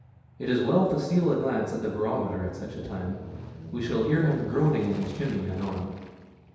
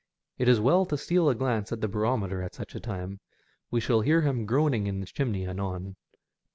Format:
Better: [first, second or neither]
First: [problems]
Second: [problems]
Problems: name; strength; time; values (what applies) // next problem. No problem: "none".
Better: second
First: background sound (Aircraft); 14 dB below the speech // room echo; dies away in 1.2 s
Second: none